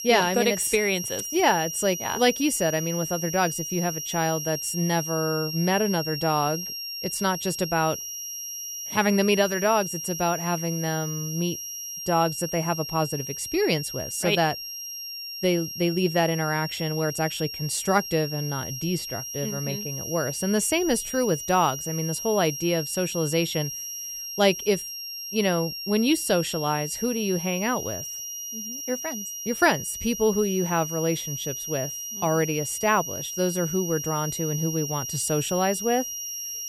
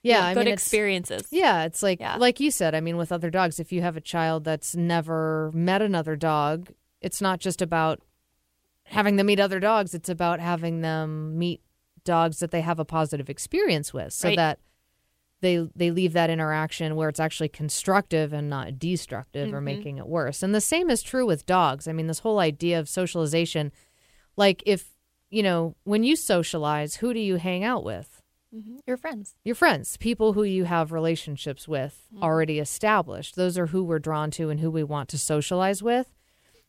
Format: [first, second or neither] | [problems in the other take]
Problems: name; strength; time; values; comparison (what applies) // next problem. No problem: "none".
second | high-pitched whine; loud; throughout; 5.5 kHz, 6 dB below the speech